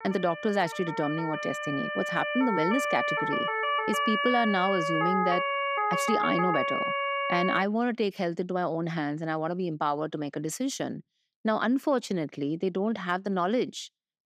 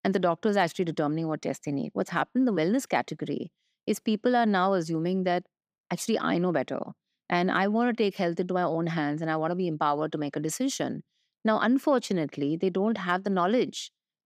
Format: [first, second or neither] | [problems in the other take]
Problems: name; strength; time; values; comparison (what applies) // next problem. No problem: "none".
second | siren; loud; until 7.5 s; peak 3 dB above the speech